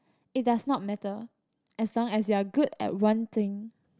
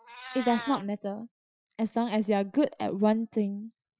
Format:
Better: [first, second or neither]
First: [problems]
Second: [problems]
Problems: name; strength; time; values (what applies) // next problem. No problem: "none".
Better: first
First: none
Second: noise reduction (classical method Wiener filter)